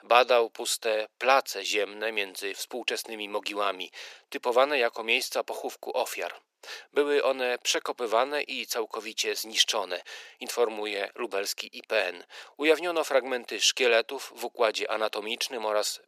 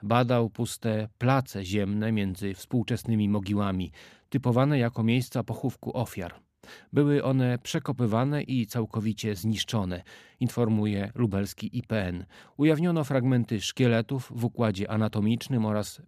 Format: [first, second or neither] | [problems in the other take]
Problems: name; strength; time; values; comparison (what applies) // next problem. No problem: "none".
second | thin; very; fading below 400 Hz